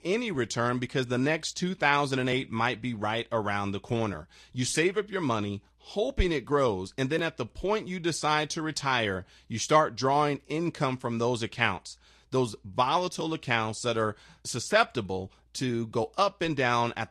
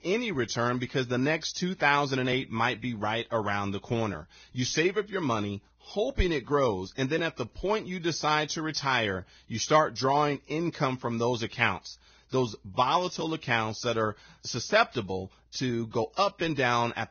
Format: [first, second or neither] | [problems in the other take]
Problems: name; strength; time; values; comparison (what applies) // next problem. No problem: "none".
first | garbled, watery; badly; nothing above 6.5 kHz; slightly in the first